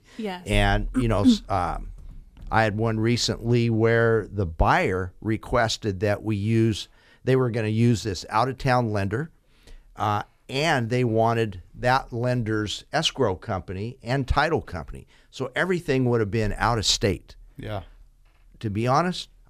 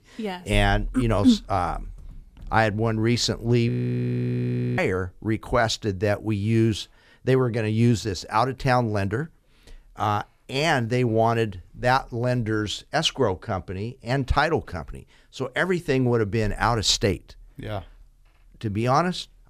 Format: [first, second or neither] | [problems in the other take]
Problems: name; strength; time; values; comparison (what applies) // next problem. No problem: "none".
first | audio freezing; at 3.5 s for 1 s